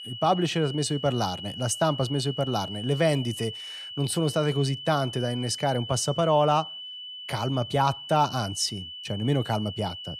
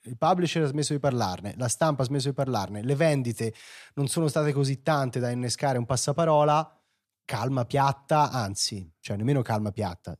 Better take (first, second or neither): second